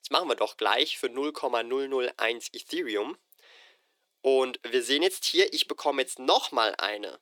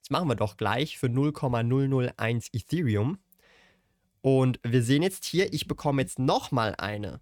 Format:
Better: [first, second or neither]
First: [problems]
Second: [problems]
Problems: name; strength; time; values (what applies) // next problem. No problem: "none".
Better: second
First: thin; very; fading below 350 Hz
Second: none